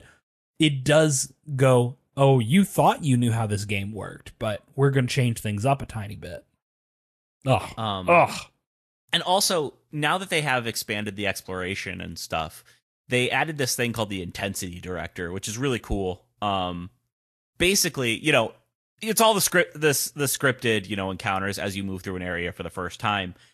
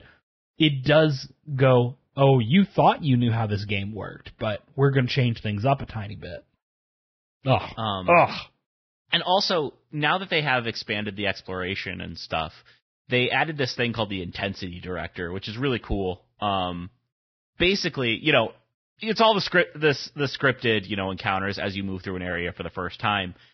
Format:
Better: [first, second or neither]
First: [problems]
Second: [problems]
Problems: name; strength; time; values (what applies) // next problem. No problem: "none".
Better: first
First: garbled, watery; slightly; nothing above 12.5 kHz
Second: garbled, watery; badly; nothing above 5.5 kHz